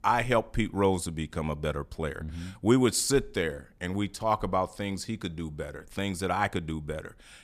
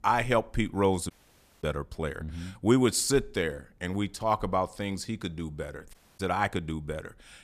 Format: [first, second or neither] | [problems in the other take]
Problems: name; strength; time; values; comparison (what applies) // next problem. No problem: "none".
first | audio cutting out; at 1 s for 0.5 s and at 6 s